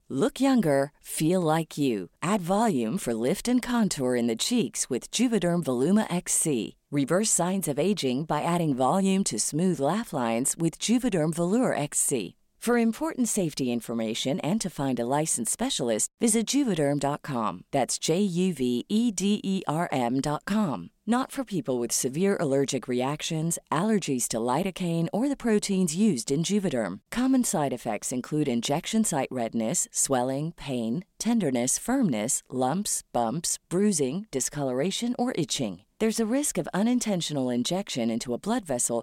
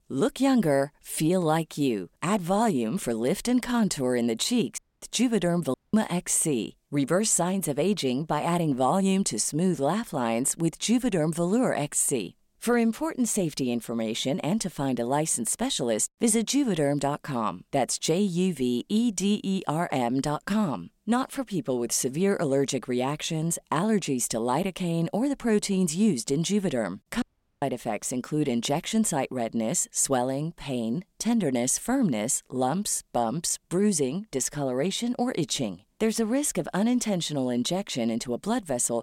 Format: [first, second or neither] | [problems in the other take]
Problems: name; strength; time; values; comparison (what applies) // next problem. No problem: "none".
first | audio cutting out; at 5 s, at 5.5 s and at 27 s